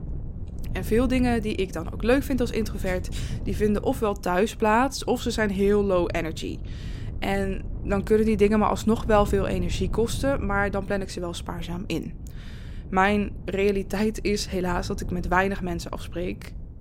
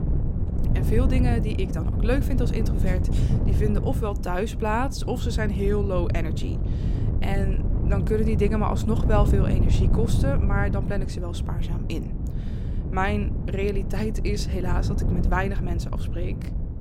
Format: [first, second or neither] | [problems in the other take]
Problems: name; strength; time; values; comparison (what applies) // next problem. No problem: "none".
first | wind noise on the microphone; heavy; 7 dB below the speech; occasional gusts in the first